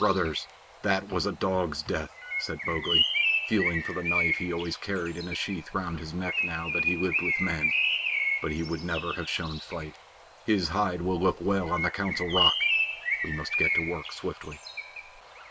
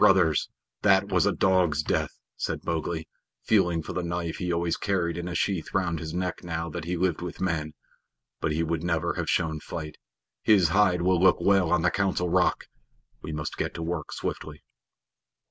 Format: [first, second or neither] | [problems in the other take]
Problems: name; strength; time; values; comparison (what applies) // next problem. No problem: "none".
second | background sound (Bird); as loud as the speech